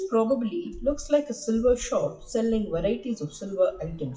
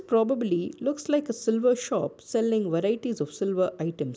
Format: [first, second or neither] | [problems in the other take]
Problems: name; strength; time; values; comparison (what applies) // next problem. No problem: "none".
second | noise reduction (classical method WPE with log-MMSE)